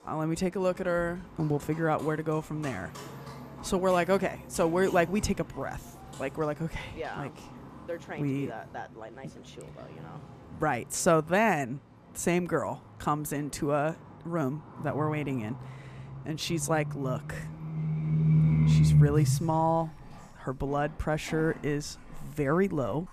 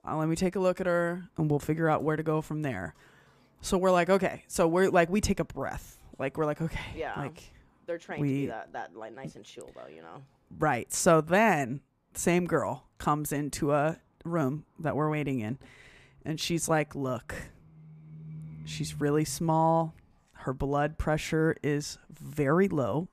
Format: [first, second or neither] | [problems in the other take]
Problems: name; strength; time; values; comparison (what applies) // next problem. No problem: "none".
second | animal sounds; loud; throughout; as loud as the speech; faint in the second